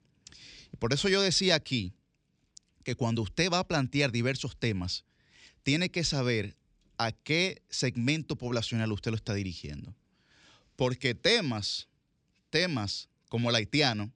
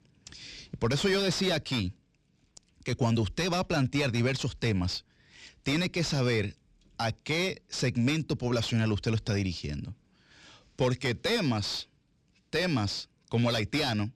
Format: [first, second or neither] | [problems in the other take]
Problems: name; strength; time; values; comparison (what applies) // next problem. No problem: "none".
first | distortion; heavy; 6 dB below the speech